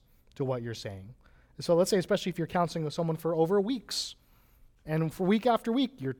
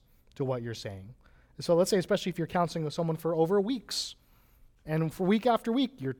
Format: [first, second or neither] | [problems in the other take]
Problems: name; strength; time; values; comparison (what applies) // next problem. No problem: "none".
neither | none